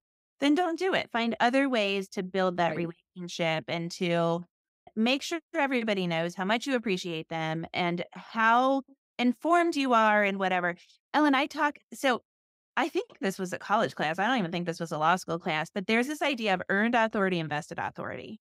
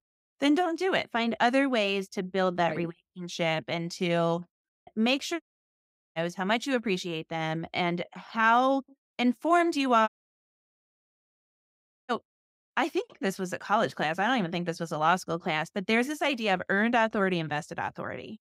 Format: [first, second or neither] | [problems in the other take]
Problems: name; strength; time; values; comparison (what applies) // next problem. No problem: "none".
first | audio cutting out; at 5.5 s for 0.5 s and at 10 s for 2 s